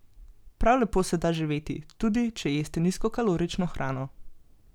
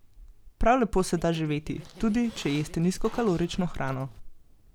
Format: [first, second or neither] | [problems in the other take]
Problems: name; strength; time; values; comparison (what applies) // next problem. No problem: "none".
first | background sound (Scratching (performance technique) + Squeak); 20 dB below the speech